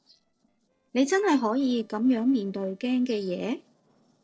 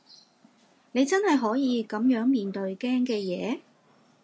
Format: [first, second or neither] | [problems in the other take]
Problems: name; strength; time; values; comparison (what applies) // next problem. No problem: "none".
second | noise reduction (neural separator model SepFormer DNS4)